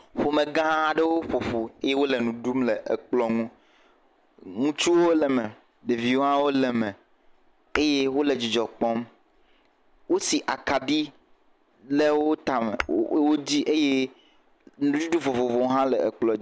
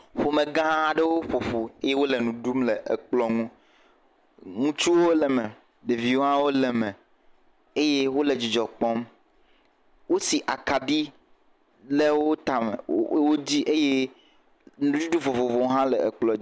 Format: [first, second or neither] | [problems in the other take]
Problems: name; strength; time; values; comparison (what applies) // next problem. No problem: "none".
second | background sound (Tap / Hammer); 16 dB below the speech